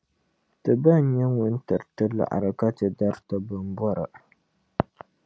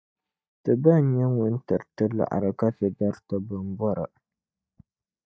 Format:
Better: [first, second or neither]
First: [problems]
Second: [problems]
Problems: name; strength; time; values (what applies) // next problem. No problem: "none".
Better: first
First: none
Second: noise reduction (neural mask model DeepFilterNet 3)